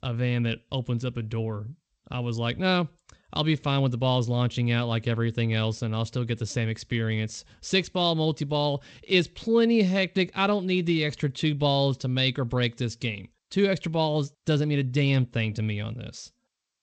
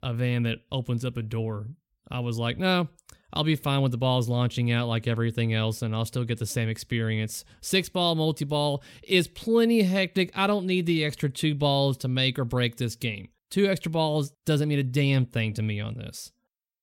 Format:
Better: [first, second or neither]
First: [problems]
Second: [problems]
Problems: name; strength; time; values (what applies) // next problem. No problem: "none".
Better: second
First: garbled, watery; slightly; nothing above 8 kHz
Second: none